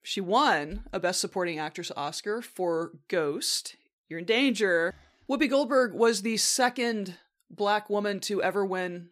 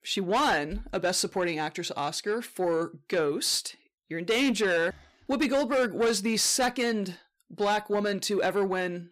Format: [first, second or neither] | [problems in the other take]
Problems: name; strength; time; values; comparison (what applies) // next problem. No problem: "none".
first | distortion; slight; 10 dB below the speech